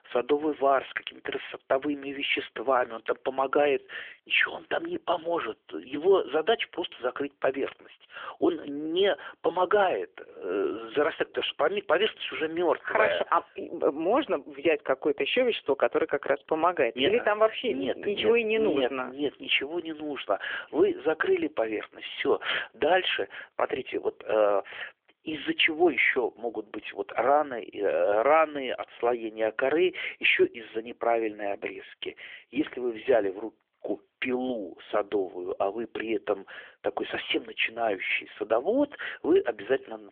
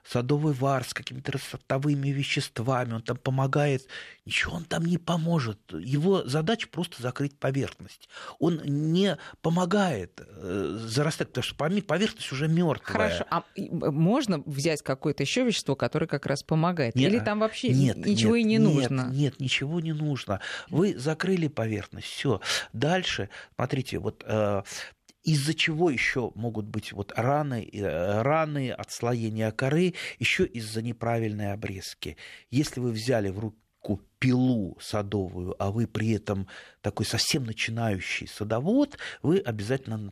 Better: second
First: phone-call audio; nothing above 3.5 kHz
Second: none

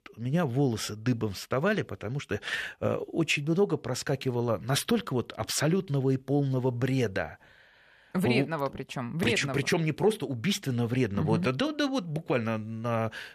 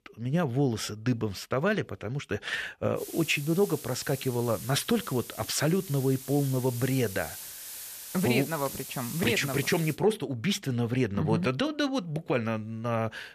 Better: first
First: none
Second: hiss; noticeable; from 3 to 10 s; 10 dB below the speech

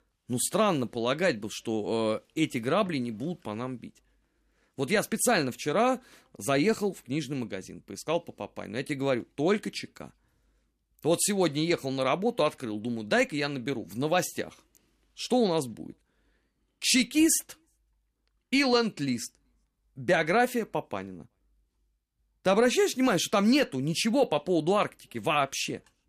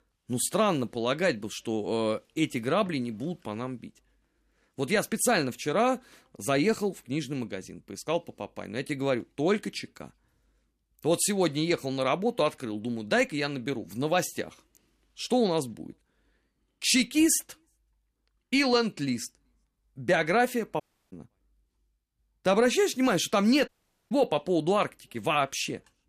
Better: first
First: none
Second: audio cutting out; at 21 s and at 24 s

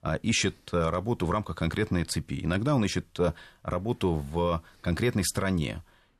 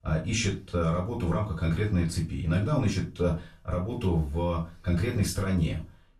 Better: first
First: none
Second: off-mic speech; far // room echo; slight; dies away in 0.2 s

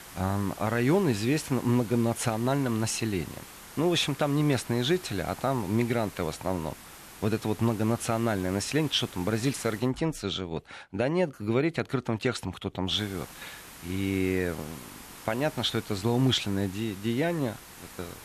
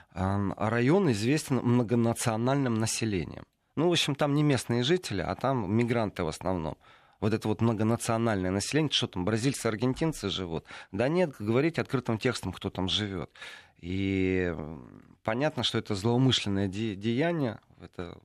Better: second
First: hiss; noticeable; until 10 s and from 13 s on; 15 dB below the speech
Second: none

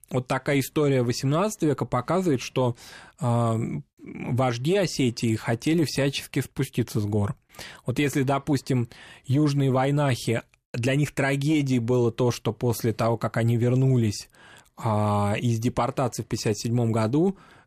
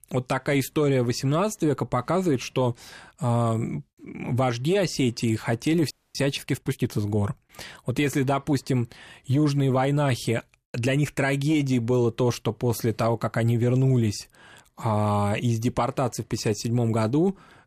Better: first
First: none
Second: audio freezing; at 6 s

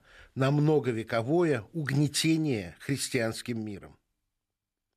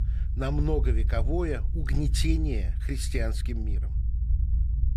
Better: first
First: none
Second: low rumble; noticeable; throughout; 15 dB below the speech

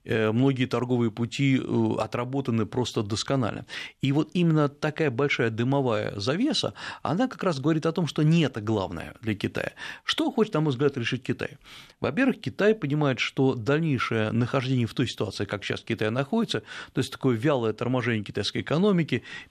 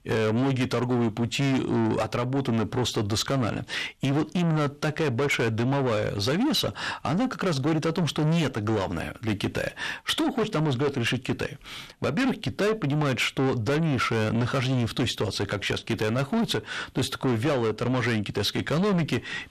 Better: first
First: none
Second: distortion; heavy; 7 dB below the speech

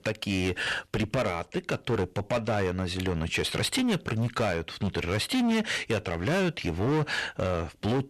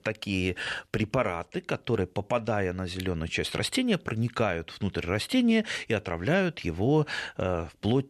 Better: second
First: distortion; heavy; 15% of the sound clipped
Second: none

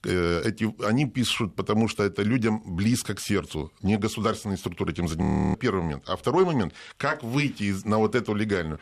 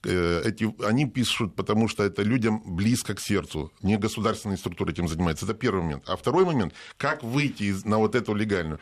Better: second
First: audio freezing; at 5 s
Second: none

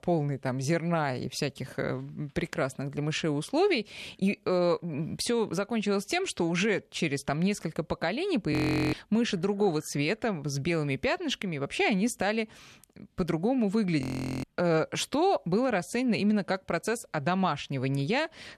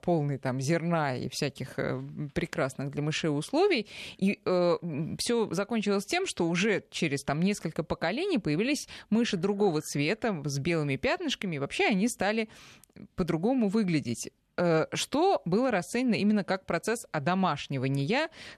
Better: second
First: audio freezing; at 8.5 s and at 14 s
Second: none

